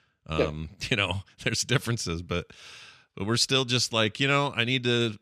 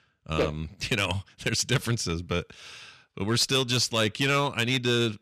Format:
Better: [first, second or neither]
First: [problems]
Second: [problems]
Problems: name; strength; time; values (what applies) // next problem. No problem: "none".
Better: first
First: none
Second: distortion; slight; 4% of the sound clipped